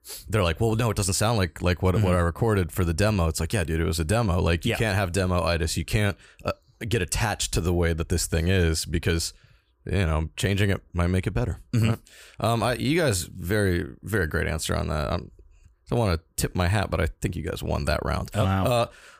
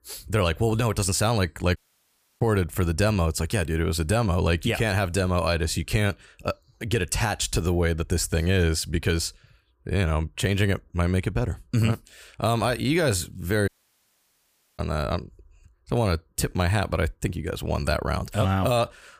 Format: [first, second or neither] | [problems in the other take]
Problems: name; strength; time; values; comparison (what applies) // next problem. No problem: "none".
first | audio cutting out; at 2 s for 0.5 s and at 14 s for 1 s